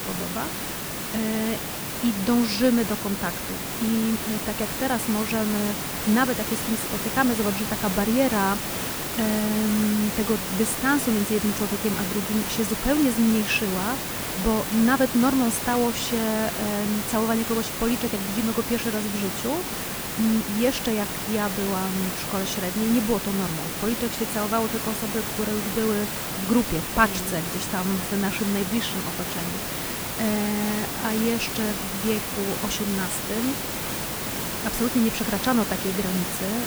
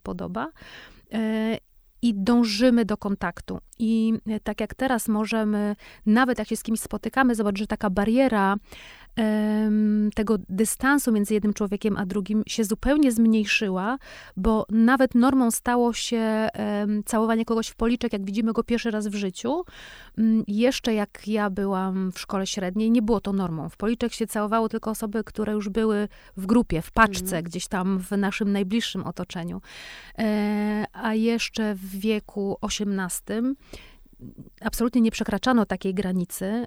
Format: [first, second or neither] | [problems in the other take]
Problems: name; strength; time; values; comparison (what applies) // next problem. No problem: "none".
second | hiss; loud; throughout; 2 dB below the speech